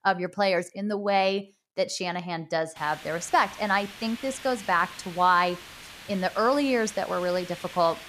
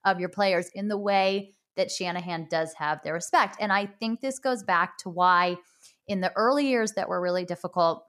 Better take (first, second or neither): second